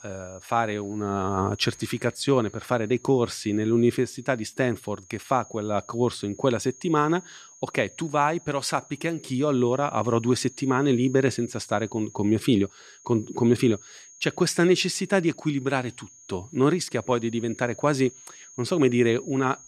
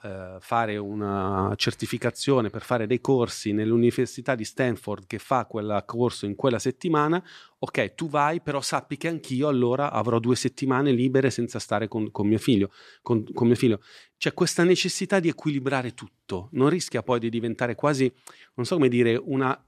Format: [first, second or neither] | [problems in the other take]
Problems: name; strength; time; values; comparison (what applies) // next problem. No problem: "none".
second | high-pitched whine; faint; throughout; 6.5 kHz, 20 dB below the speech